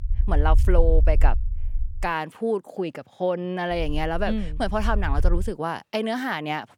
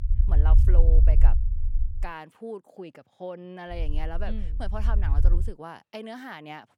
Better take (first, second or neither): first